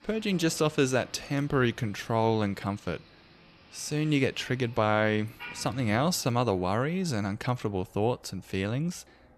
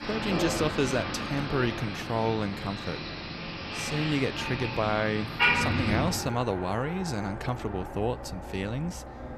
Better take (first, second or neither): first